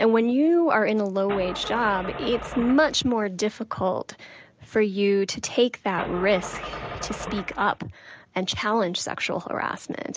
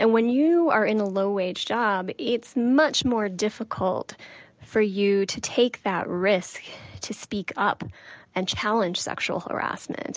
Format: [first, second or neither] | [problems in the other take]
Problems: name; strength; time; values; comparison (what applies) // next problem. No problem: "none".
second | background sound (Engine starting / Car); 10 dB below the speech